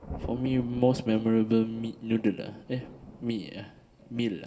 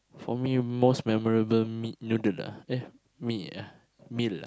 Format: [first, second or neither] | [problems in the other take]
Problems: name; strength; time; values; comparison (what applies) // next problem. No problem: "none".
second | background sound (Thunder); 16 dB below the speech // room echo; dies away in 1.6 s